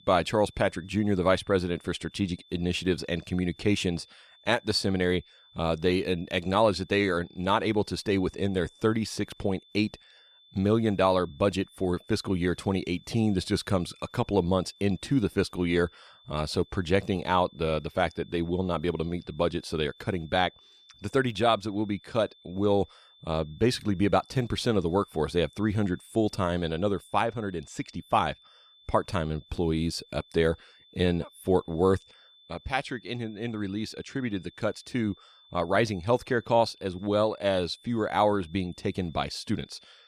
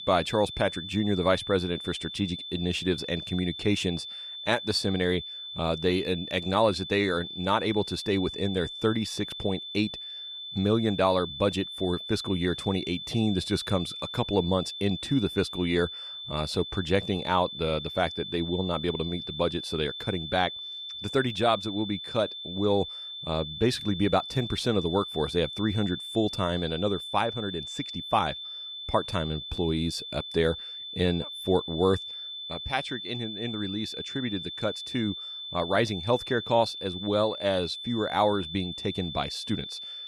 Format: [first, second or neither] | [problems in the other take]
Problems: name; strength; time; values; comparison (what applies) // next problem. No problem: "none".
first | high-pitched whine; loud; throughout; 3.5 kHz, 7 dB below the speech; faint in the first